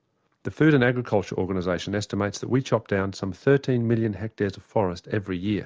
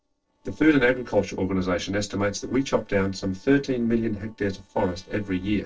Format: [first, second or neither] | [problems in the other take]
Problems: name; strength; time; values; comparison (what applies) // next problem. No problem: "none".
first | noise reduction (neural separator model SepFormer DNS4)